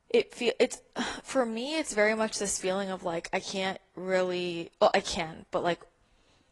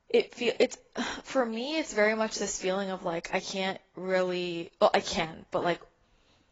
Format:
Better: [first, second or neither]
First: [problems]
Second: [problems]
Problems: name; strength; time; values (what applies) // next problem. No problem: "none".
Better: first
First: garbled, watery; slightly; nothing above 10.5 kHz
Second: garbled, watery; badly; nothing above 7.5 kHz